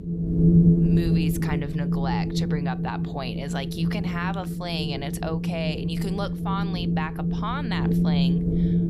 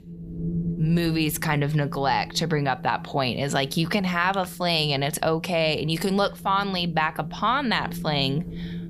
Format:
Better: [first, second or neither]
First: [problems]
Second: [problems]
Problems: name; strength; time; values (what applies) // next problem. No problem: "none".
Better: second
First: wind noise on the microphone; heavy; as loud as the speech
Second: wind noise on the microphone; occasional gusts; 20 dB below the speech